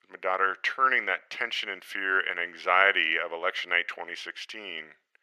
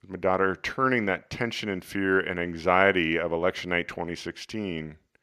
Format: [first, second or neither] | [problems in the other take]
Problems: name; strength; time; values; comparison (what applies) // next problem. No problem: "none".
second | thin; very; fading below 600 Hz